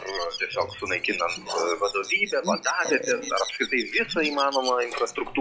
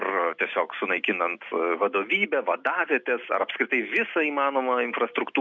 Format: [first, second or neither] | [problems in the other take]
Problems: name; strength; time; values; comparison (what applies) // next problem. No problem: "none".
second | noise reduction (classical method log-MMSE)